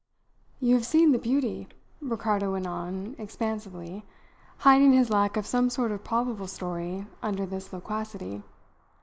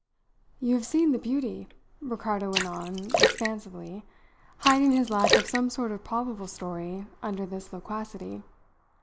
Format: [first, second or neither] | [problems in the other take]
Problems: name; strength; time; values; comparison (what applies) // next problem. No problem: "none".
first | background sound (Splash, splatter); as loud as the speech